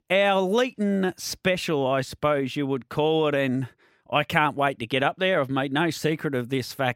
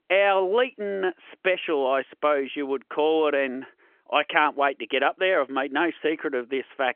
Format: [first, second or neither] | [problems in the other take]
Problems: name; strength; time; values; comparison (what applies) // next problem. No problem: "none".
first | phone-call audio; nothing above 3 kHz